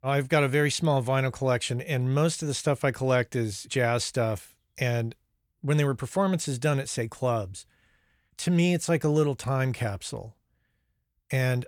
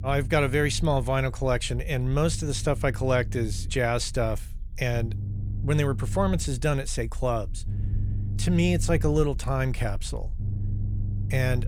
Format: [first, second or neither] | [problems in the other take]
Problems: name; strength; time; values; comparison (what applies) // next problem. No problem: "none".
first | low rumble; noticeable; throughout; 20 dB below the speech